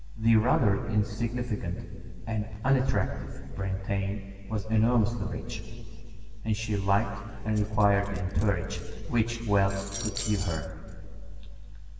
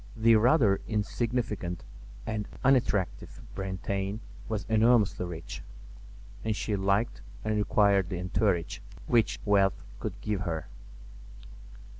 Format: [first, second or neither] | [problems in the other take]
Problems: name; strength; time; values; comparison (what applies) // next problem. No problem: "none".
second | background sound (Cutlery, silverware); 16 dB below the speech // room echo; dies away in 2.6 s